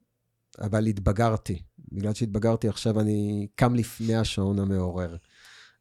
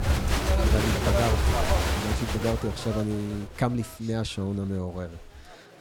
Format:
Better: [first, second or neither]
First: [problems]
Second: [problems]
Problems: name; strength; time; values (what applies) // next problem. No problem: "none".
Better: first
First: none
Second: crowd noise; very loud; throughout; 4 dB above the speech